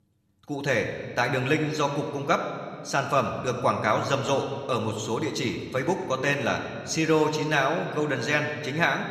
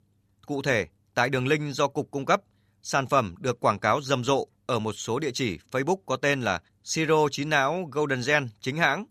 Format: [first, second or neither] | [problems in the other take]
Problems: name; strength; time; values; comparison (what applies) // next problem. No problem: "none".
second | room echo; slight; dies away in 1.7 s